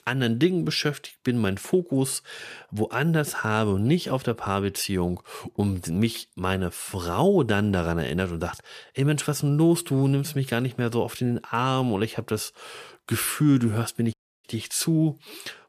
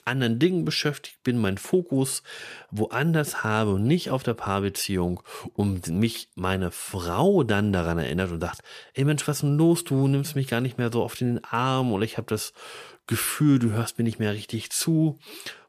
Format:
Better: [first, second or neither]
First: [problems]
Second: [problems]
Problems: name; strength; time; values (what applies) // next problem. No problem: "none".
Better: second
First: audio cutting out; at 14 s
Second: none